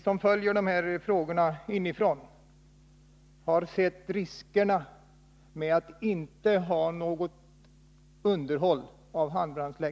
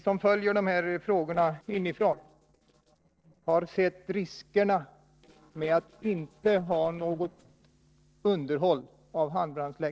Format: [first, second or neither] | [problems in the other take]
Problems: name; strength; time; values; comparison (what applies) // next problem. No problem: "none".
first | noise reduction (neural separator model SepFormer DNS4)